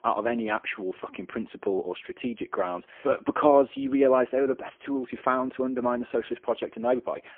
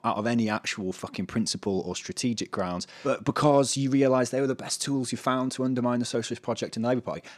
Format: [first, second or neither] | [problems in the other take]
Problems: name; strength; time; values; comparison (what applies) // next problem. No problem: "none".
second | phone-call audio; poor line; nothing above 3.5 kHz